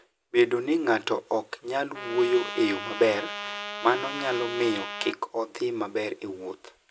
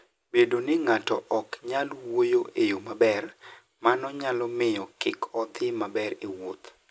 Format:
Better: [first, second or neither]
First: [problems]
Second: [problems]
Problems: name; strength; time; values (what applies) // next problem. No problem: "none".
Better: second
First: background sound (Trumpet); 8 dB below the speech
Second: none